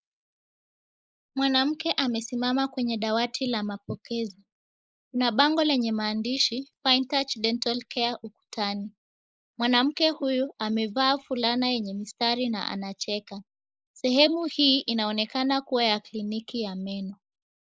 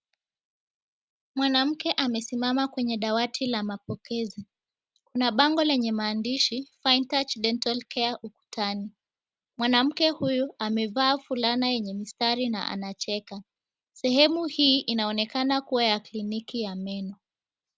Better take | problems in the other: second | noise reduction (neural mask model Resemble Enhance denoiser)

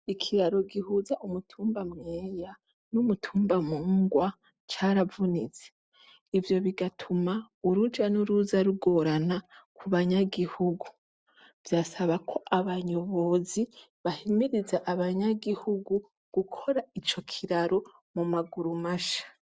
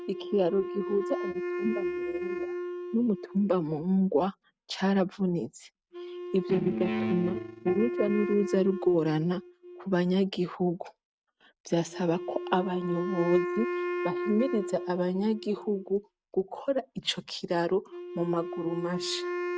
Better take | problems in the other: first | noise reduction (neural mask model RNNoise)

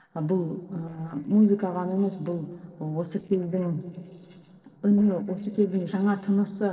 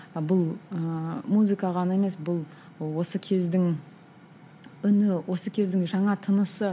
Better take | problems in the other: second | noise reduction (neural separator model SepFormer DNS4)

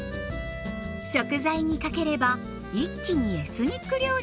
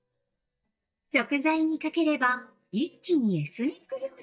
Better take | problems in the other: first | noise reduction (neural mask model DeepFilterNet 3)

